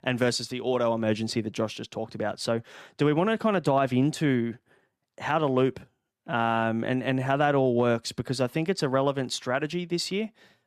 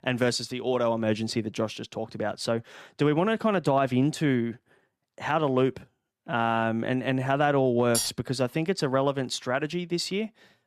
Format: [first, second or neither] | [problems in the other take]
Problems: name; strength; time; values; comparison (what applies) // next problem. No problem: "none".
first | clattering dishes; noticeable; at 8 s; peak 2 dB below the speech